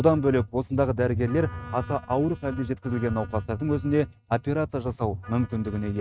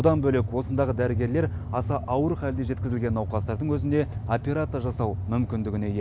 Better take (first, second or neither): second